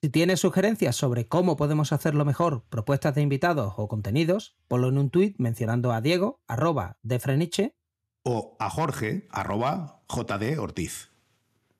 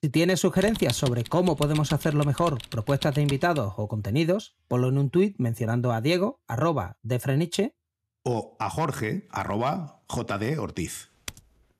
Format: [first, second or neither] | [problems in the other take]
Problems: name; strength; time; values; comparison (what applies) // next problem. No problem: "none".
first | keyboard typing; noticeable; from 0.5 to 3.5 s; peak 7 dB below the speech // keyboard typing; very faint; at 11 s; peak 15 dB below the speech